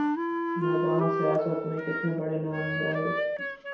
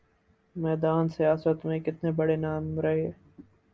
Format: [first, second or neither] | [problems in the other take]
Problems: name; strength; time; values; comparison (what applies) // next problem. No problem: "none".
second | background sound (Wind instrument, woodwind instrument); as loud as the speech // room echo; dies away in 0.7 s